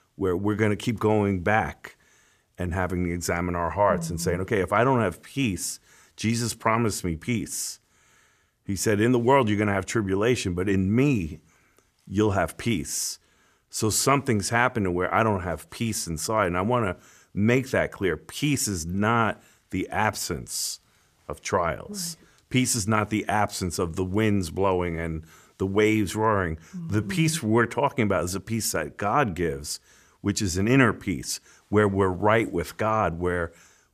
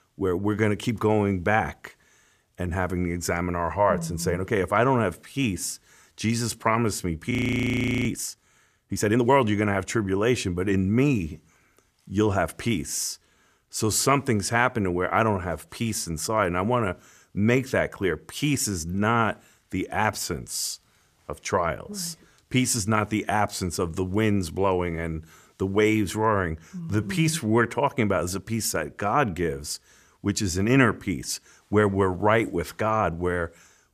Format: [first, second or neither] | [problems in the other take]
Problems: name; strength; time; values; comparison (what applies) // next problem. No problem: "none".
first | audio freezing; at 7.5 s for 0.5 s